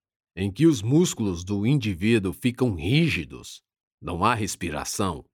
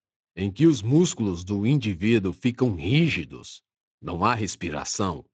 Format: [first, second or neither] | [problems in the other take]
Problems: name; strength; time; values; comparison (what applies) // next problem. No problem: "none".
first | garbled, watery; slightly; nothing above 7.5 kHz